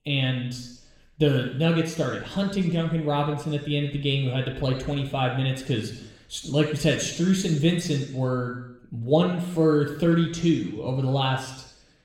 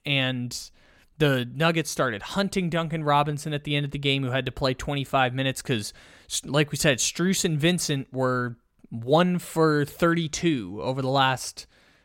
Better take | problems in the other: second | room echo; noticeable; dies away in 0.9 s // off-mic speech; somewhat distant

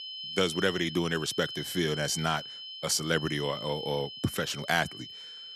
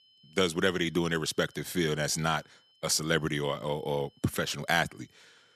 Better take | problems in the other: second | high-pitched whine; loud; throughout; 3 kHz, 8 dB below the speech; faint in the second

